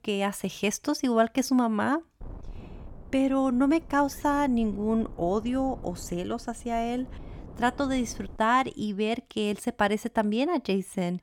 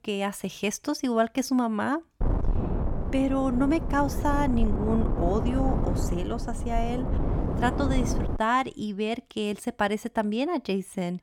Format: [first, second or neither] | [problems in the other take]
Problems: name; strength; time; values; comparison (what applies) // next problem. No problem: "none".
first | wind noise on the microphone; heavy; from 2 to 8.5 s; 7 dB below the speech; occasional gusts in the first